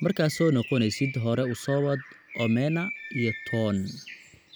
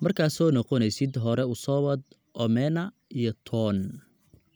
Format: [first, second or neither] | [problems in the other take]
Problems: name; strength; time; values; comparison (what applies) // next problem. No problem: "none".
second | background sound (Bird); 13 dB below the speech